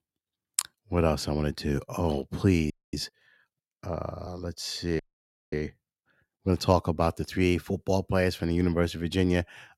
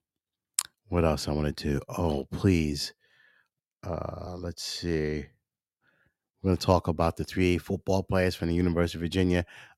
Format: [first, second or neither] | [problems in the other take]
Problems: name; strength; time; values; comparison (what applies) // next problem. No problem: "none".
second | audio freezing; at 2.5 s and at 5 s for 0.5 s